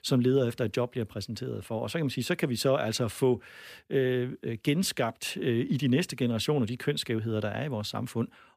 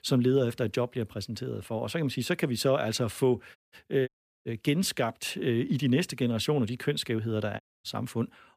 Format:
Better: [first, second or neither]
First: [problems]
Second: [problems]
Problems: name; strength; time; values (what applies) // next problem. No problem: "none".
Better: first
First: none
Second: audio cutting out; at 3.5 s, at 4 s and at 7.5 s